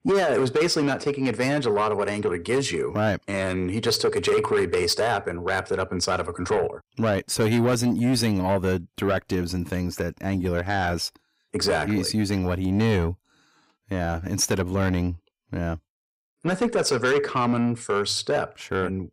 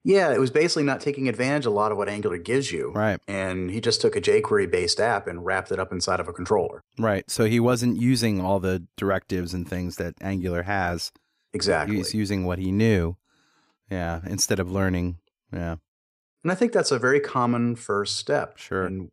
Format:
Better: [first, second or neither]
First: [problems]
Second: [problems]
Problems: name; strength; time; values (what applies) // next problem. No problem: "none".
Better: second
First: distortion; slight; 10 dB below the speech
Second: none